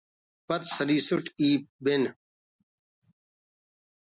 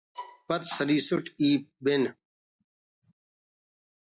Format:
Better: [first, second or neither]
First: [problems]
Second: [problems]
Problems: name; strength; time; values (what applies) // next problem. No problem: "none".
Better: first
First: none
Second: noise reduction (classical method log-MMSE)